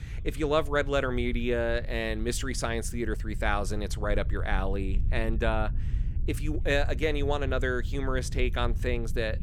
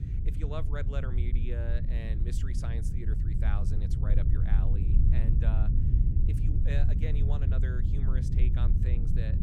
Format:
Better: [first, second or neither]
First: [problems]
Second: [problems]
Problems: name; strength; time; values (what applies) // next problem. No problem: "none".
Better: first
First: low rumble; faint; throughout; 20 dB below the speech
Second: low rumble; loud; throughout; as loud as the speech